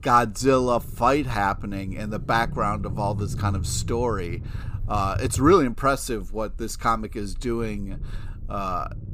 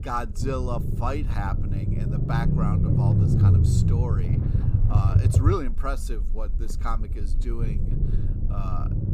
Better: first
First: low rumble; faint; throughout; 20 dB below the speech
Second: low rumble; loud; throughout; 2 dB below the speech

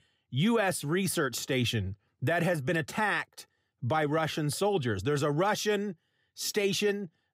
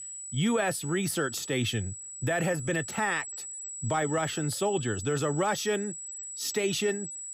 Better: first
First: none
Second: high-pitched whine; loud; throughout; 8 kHz, 8 dB below the speech

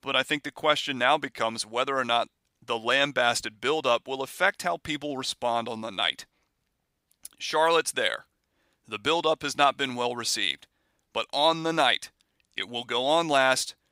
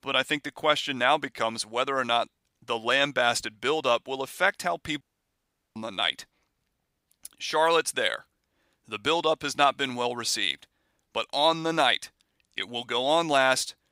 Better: first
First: none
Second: audio cutting out; at 5 s for 0.5 s

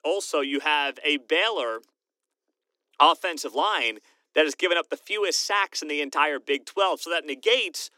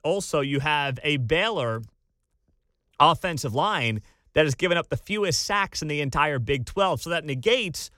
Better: second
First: thin; somewhat; fading below 300 Hz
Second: none

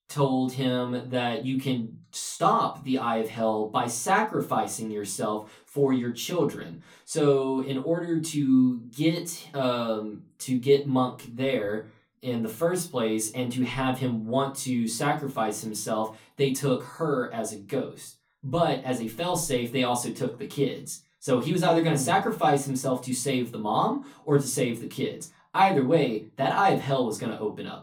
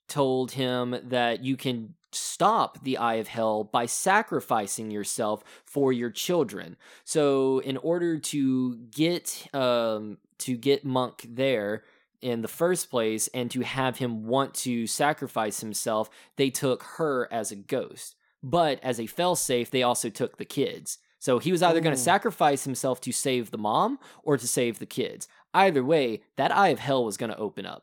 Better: second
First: off-mic speech; far // room echo; very slight; dies away in 0.2 s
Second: none

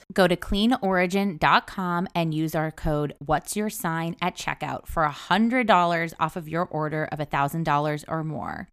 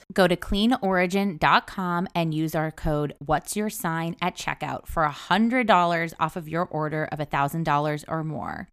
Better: neither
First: none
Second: none

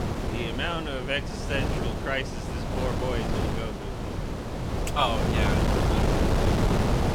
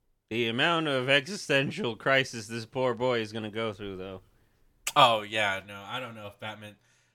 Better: second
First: wind noise on the microphone; heavy; 1 dB below the speech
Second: none

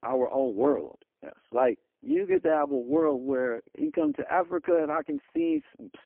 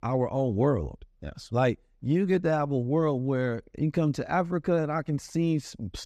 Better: second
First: phone-call audio; poor line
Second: none

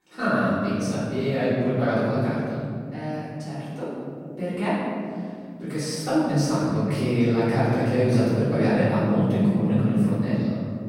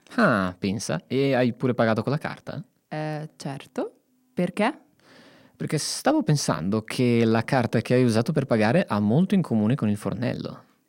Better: second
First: room echo; strong; dies away in 2.8 s // off-mic speech; far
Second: none

